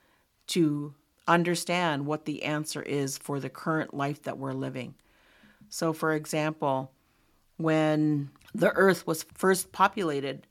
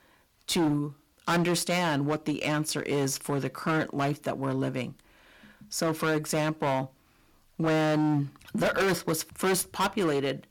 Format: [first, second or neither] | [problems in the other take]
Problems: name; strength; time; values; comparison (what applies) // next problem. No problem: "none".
first | distortion; heavy; 14% of the sound clipped